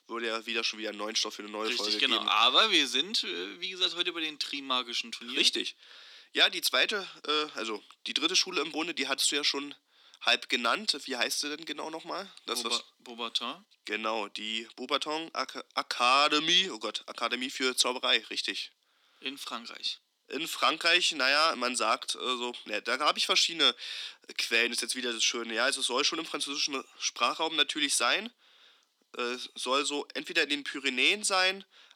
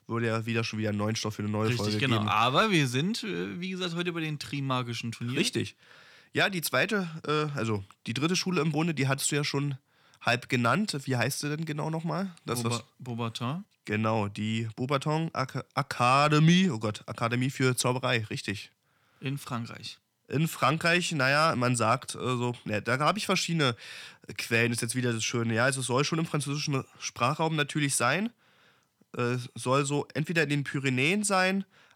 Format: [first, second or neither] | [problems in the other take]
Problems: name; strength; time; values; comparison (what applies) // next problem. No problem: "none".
second | thin; somewhat; fading below 250 Hz